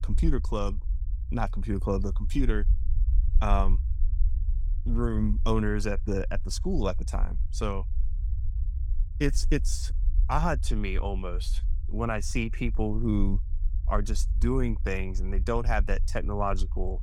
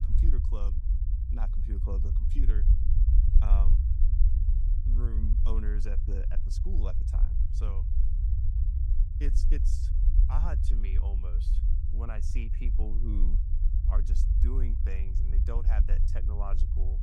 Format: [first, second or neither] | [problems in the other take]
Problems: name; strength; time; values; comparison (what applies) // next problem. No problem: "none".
first | low rumble; loud; throughout; 3 dB below the speech; faint in the first